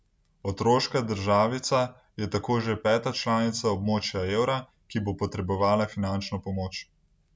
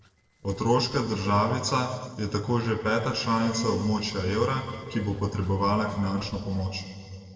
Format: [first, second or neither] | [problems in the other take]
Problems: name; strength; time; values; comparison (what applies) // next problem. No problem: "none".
first | noise reduction (neural separator model SepFormer DNS4)